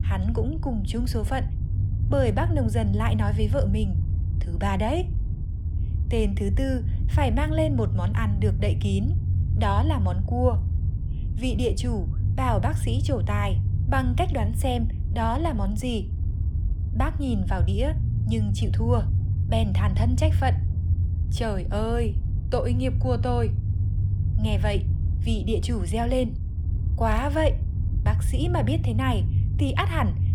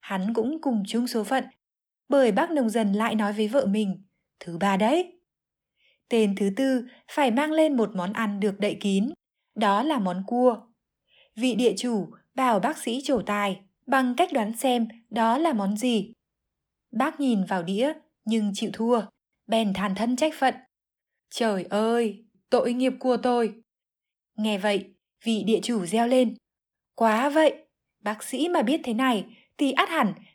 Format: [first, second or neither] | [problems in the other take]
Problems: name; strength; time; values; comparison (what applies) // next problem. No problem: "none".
second | low rumble; noticeable; throughout; 10 dB below the speech